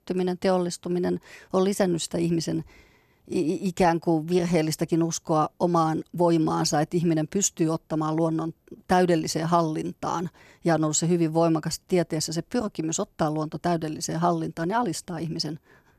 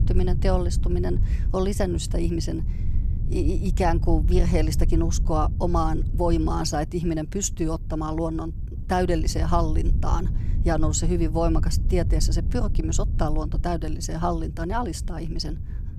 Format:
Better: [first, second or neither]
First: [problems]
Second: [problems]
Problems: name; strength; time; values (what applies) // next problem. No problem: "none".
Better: first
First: none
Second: wind noise on the microphone; occasional gusts; 15 dB below the speech